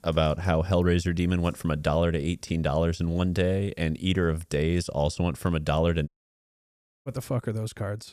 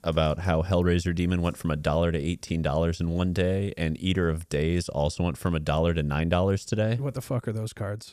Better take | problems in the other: second | audio cutting out; at 6 s for 1 s

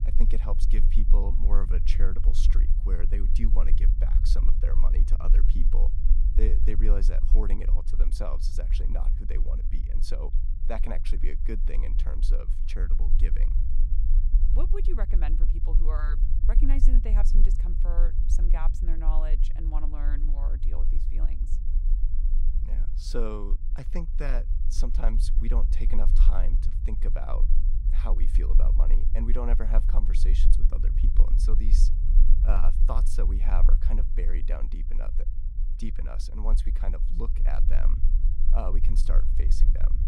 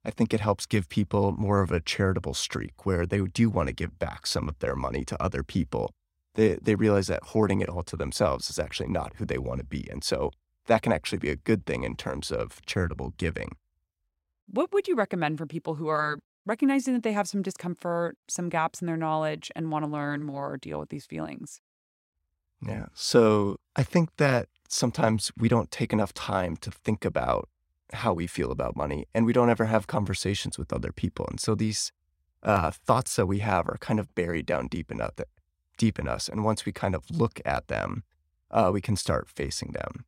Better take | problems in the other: second | low rumble; loud; throughout; 9 dB below the speech

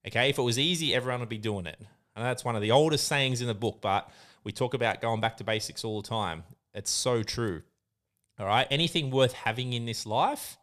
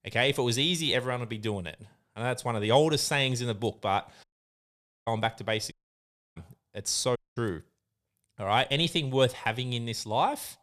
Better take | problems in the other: first | audio cutting out; at 4 s for 1 s, at 5.5 s for 0.5 s and at 7 s

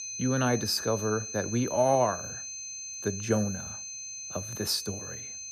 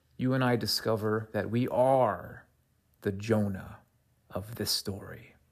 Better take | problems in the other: second | high-pitched whine; loud; throughout; 6 kHz, 7 dB below the speech

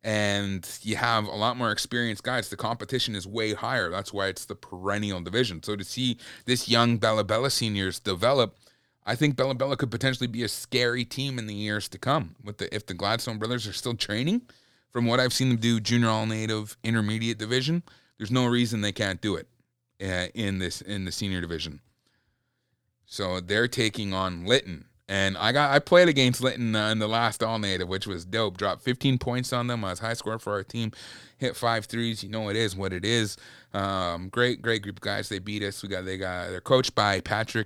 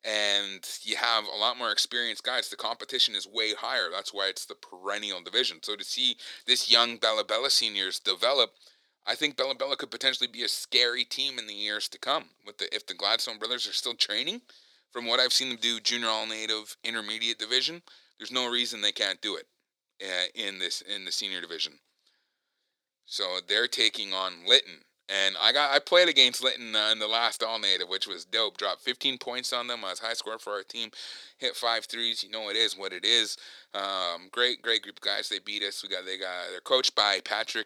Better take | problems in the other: first | thin; very; fading below 400 Hz

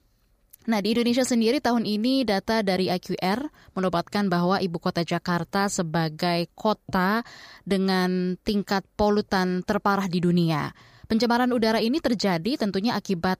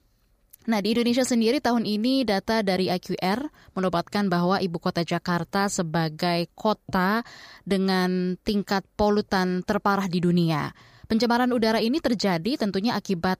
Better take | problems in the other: neither | none

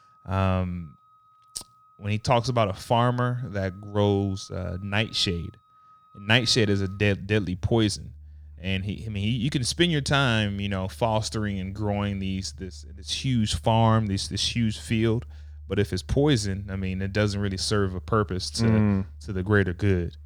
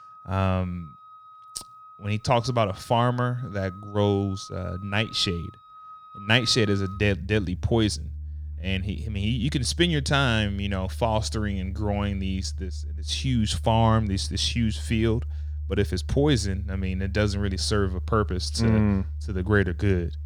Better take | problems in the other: first | background music; loud; throughout; 10 dB below the speech; faint in the first

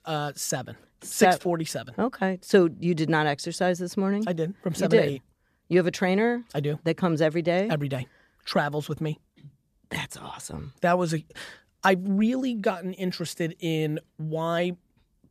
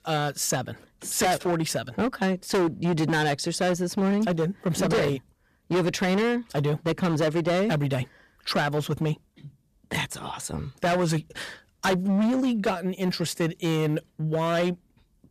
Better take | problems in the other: first | distortion; heavy; 14% of the sound clipped

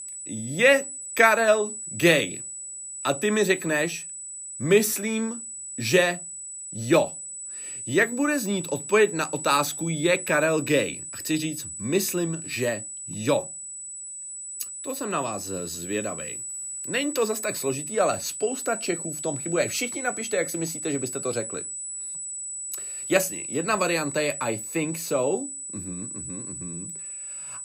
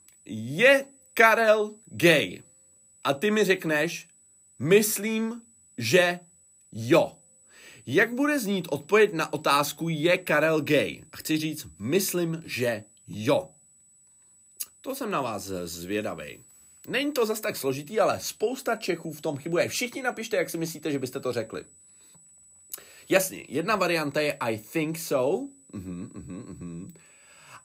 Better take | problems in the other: second | high-pitched whine; loud; throughout; 8 kHz, 8 dB below the speech; faint in the second

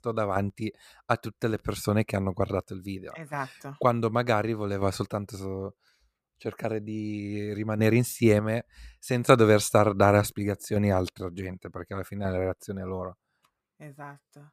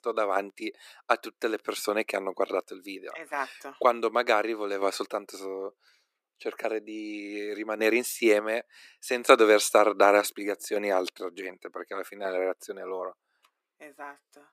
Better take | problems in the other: first | thin; very; fading below 300 Hz

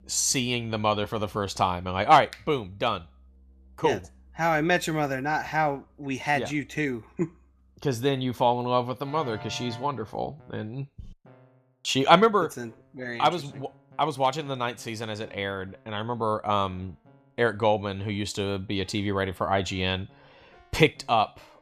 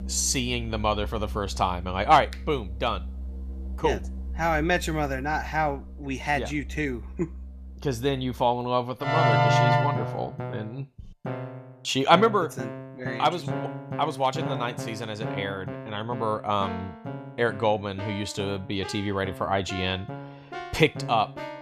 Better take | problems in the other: first | background music; loud; throughout; 6 dB below the speech; faint in the first

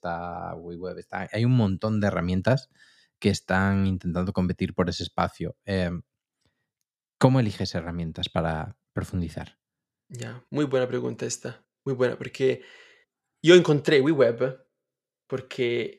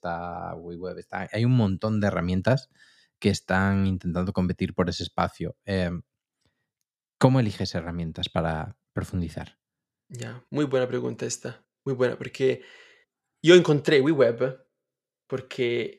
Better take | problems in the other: neither | none

